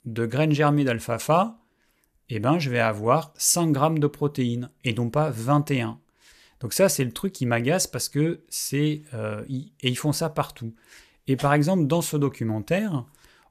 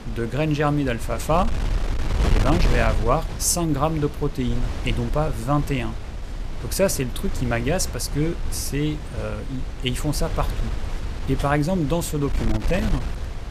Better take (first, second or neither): first